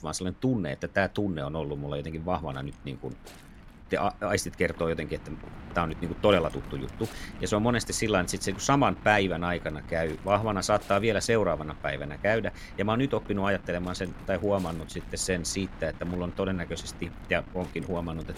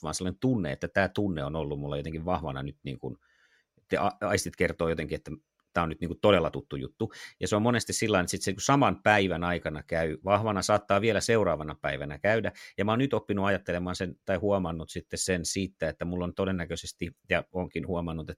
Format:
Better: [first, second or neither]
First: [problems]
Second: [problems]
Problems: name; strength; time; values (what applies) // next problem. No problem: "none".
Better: second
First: wind noise on the microphone; occasional gusts; 20 dB below the speech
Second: none